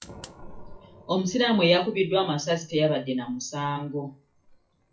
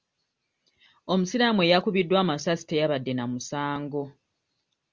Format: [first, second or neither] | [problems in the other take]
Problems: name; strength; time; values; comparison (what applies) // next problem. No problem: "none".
second | noise reduction (classical method WPE with log-MMSE)